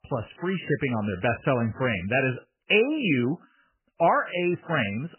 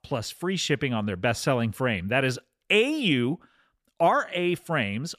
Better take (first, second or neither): second